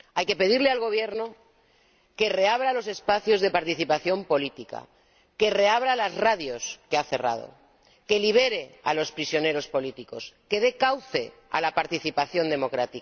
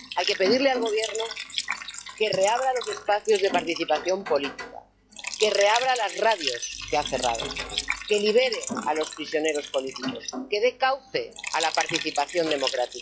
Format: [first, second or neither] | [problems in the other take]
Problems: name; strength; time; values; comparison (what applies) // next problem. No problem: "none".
first | noise reduction (classical method log-MMSE)